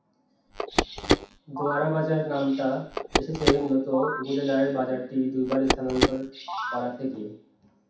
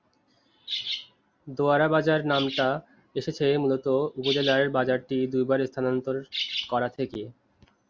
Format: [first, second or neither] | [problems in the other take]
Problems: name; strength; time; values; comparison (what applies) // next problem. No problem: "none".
second | background sound (Telephone); 2 dB below the speech // room echo; dies away in 0.7 s